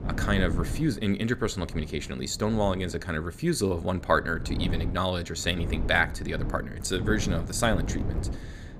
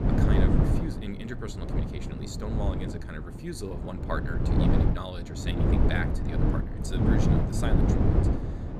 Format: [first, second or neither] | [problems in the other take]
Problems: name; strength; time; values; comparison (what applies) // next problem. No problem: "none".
first | wind noise on the microphone; heavy; 4 dB above the speech; occasional gusts in the first